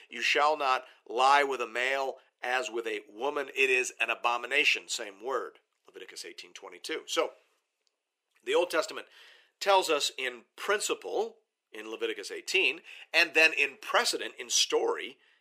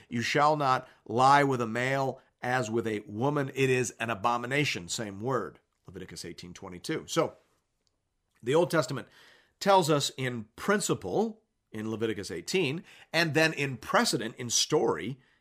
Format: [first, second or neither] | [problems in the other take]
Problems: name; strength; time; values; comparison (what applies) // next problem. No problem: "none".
second | thin; very; fading below 400 Hz